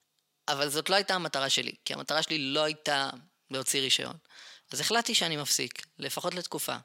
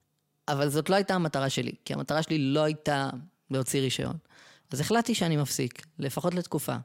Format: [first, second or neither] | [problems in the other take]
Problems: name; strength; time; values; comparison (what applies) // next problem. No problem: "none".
second | thin; somewhat; fading below 750 Hz